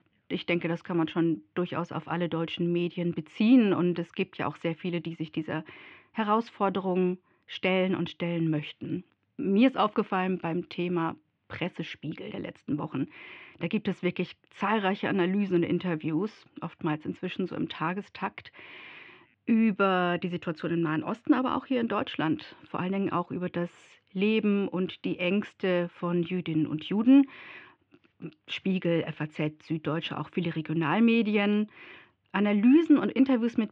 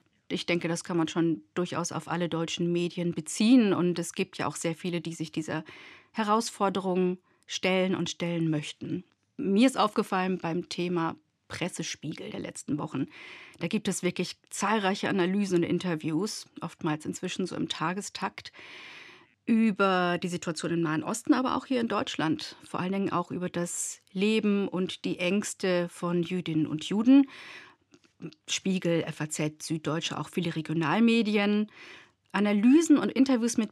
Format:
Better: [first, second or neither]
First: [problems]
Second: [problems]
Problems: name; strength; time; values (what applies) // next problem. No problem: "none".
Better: second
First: muffled; very; fading above 3 kHz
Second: none